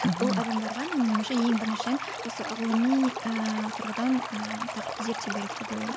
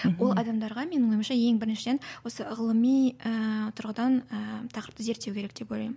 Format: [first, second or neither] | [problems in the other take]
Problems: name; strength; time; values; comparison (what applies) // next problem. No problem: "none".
second | background sound (Stream); 6 dB below the speech